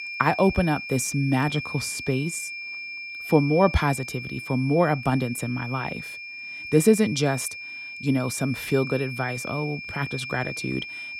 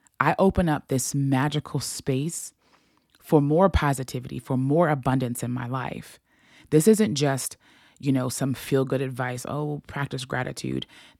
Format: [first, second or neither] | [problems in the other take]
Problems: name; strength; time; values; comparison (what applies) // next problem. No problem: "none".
second | high-pitched whine; loud; throughout; 2.5 kHz, 9 dB below the speech